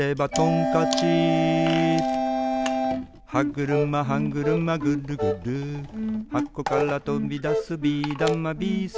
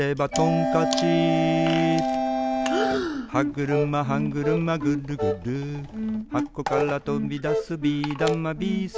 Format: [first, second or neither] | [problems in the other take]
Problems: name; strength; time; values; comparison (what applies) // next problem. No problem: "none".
first | background sound (Breathing); 9 dB below the speech